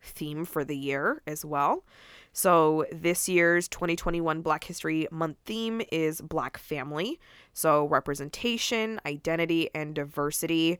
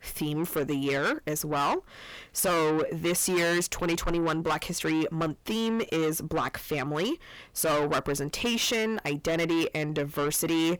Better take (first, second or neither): first